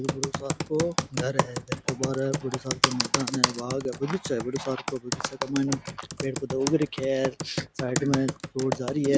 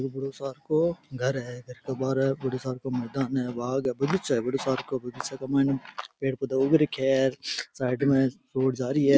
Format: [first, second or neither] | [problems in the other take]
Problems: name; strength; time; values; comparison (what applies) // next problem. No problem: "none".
second | background sound (Computer keyboard); 2 dB below the speech